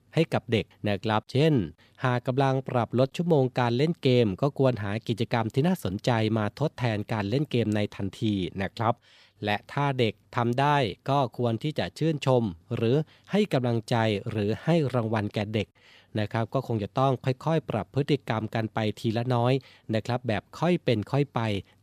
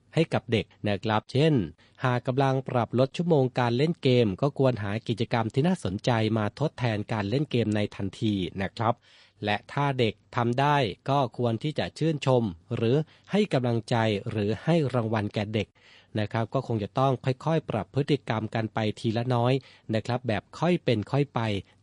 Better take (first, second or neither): first